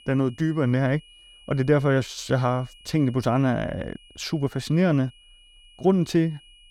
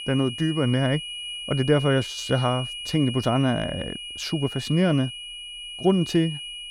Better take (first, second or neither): first